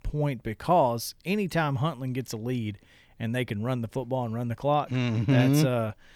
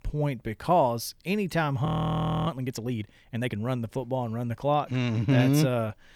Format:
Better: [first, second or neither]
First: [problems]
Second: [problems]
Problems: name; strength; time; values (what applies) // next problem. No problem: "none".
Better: first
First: none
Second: audio freezing; at 2 s for 0.5 s